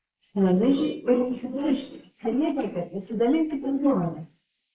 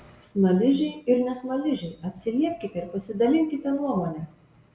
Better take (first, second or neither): second